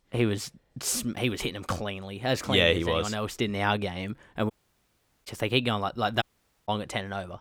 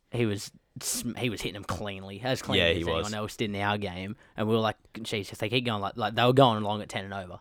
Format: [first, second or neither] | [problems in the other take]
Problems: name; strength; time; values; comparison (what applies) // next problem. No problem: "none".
second | audio cutting out; at 4.5 s for 1 s and at 6 s